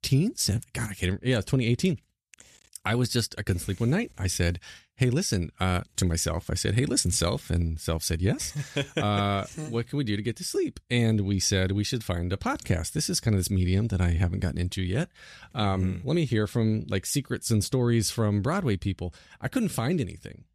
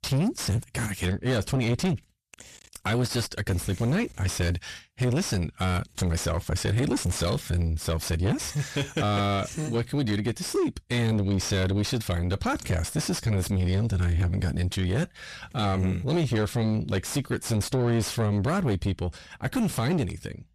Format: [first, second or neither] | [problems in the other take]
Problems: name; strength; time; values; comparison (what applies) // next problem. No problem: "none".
first | distortion; heavy; 6 dB below the speech